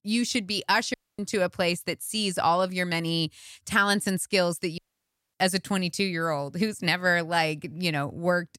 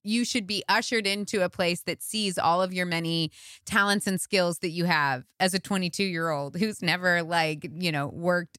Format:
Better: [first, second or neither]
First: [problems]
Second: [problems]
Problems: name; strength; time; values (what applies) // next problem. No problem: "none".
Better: second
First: audio cutting out; at 1 s and at 5 s for 0.5 s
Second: none